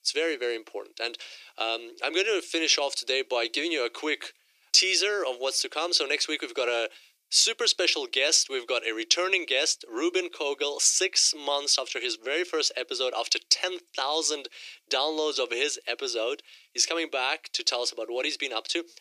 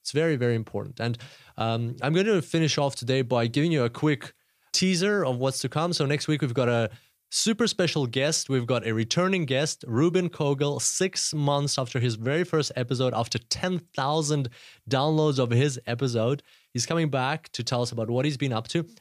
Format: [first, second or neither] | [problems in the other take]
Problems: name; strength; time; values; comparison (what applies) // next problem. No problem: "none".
second | thin; very; fading below 350 Hz